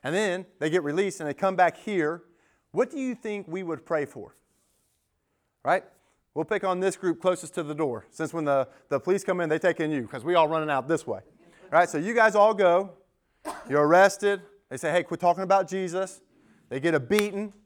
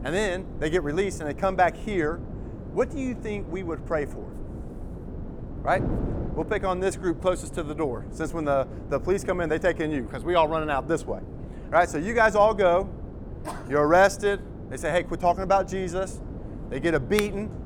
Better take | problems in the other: first | wind noise on the microphone; occasional gusts; 20 dB below the speech

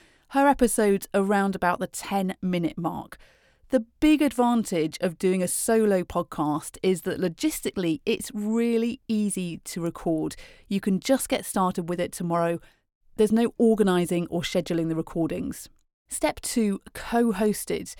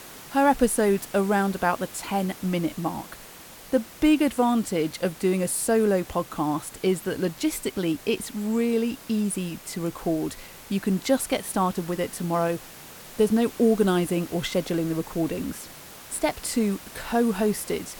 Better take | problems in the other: first | hiss; noticeable; throughout; 15 dB below the speech

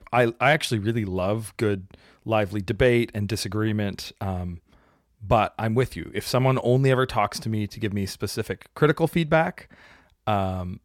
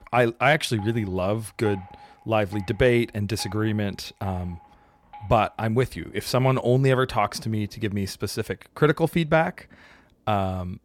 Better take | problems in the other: first | rain or running water; faint; throughout; 25 dB below the speech

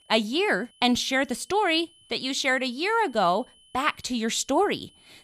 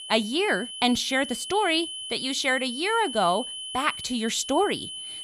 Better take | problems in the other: first | high-pitched whine; loud; throughout; 3 kHz, 8 dB below the speech; faint in the first

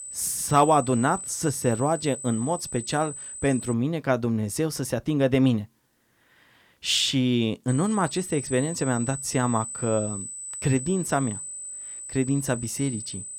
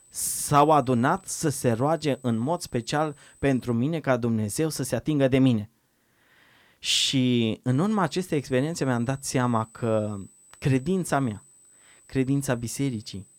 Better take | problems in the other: second | high-pitched whine; loud; until 3.5 s and from 7.5 s on; 8 kHz, 8 dB below the speech; faint in the second

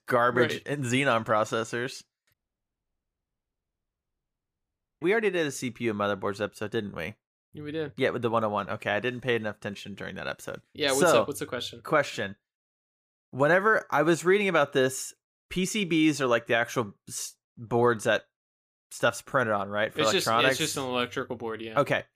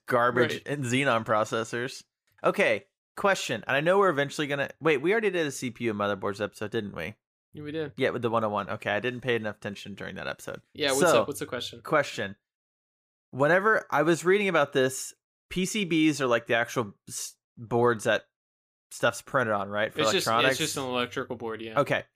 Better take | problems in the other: second | audio cutting out; at 2.5 s for 2.5 s

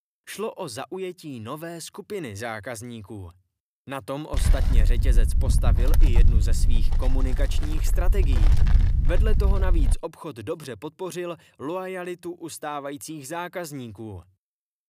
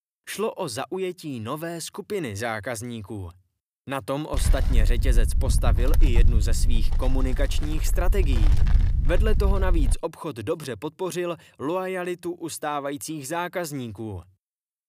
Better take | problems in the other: second | wind noise on the microphone; heavy; from 4.5 to 10 s; 6 dB below the speech; occasional gusts in the second

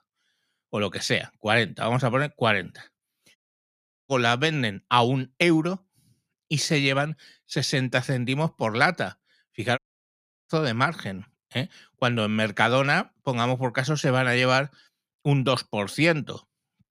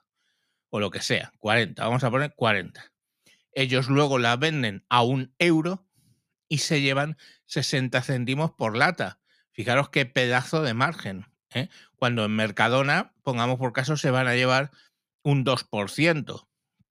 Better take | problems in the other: second | audio cutting out; at 3.5 s for 0.5 s and at 10 s for 0.5 s

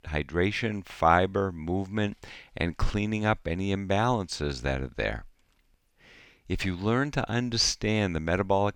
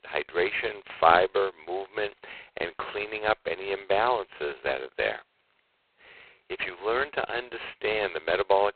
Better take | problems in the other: first | phone-call audio; poor line; nothing above 4 kHz

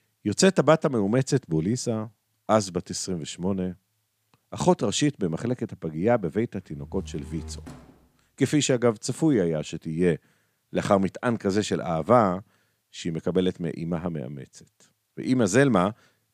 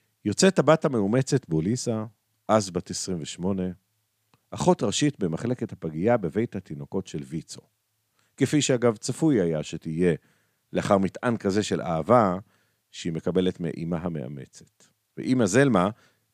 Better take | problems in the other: second | door banging; faint; from 6.5 to 8 s; peak 15 dB below the speech

